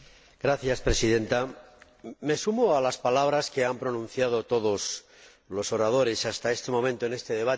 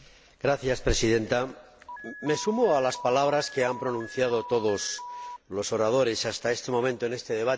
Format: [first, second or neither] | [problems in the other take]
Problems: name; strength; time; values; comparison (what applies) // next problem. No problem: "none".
first | background sound (Alarm); 16 dB below the speech